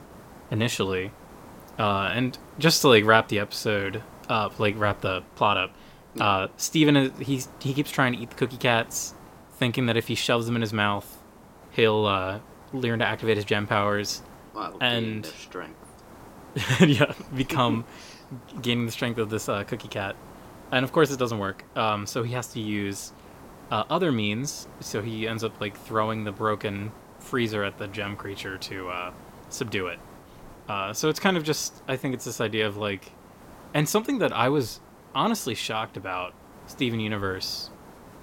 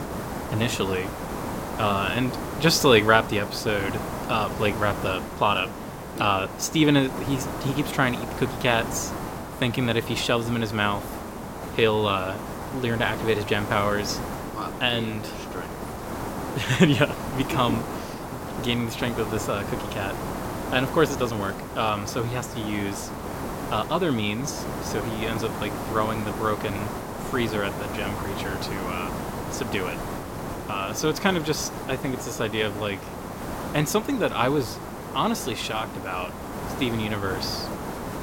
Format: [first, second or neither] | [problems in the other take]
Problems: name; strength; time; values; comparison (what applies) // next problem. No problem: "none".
first | hiss; loud; throughout; 7 dB below the speech; faint in the first